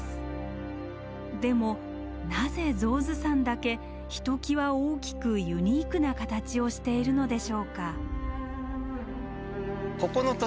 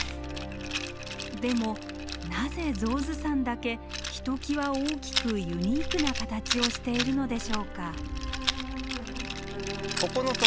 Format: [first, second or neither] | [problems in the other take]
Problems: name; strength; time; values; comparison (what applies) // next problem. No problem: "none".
first | background sound (Rattle); 3 dB below the speech